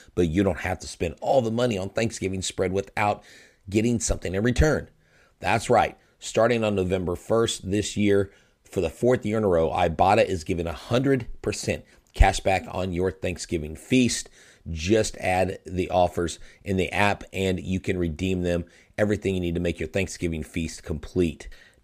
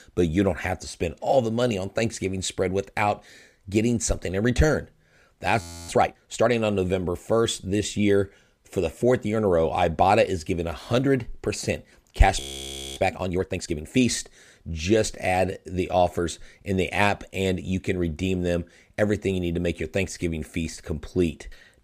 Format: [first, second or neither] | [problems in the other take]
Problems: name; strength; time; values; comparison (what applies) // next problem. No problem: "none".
first | audio freezing; at 5.5 s and at 12 s for 0.5 s